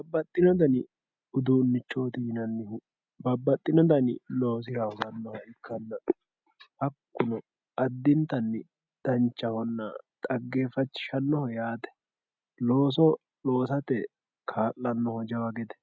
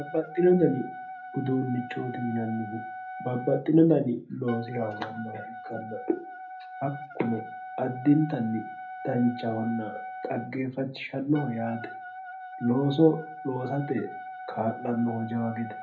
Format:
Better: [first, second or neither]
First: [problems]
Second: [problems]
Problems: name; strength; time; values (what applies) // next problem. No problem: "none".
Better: first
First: none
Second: background sound (Wind instrument, woodwind instrument); 12 dB below the speech // room echo; dies away in 0.3 s